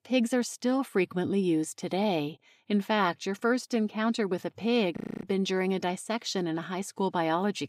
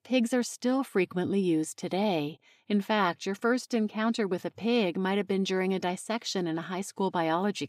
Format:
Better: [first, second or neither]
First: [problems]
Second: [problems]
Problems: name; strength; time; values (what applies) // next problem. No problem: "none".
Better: second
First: audio freezing; at 5 s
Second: none